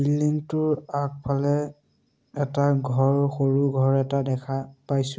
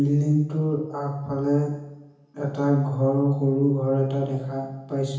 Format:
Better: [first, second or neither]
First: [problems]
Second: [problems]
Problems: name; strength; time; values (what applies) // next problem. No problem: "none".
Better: first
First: none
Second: room echo; dies away in 0.9 s